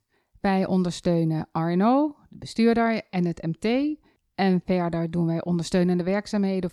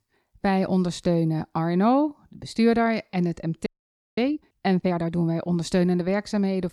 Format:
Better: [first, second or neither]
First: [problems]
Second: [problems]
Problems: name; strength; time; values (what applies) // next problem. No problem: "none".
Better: first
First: none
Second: audio freezing; at 3.5 s for 0.5 s